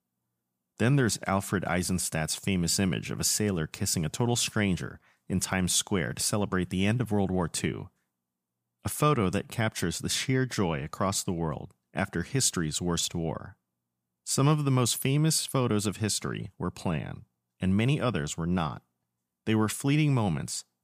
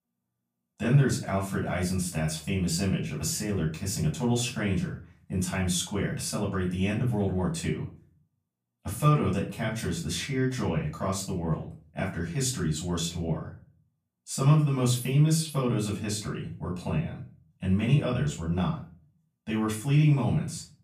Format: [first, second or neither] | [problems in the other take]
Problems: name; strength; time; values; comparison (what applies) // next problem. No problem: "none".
first | off-mic speech; far // room echo; slight; dies away in 0.4 s